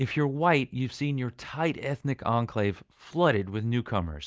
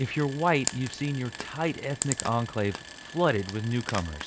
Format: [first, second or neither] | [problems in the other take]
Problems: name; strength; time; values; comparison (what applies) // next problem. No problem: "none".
first | background sound (Frying (food)); 9 dB below the speech